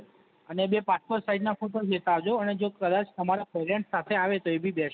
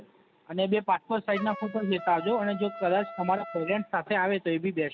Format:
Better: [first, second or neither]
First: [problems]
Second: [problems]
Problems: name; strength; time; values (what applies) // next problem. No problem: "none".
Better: first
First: none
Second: background sound (Trumpet); 15 dB below the speech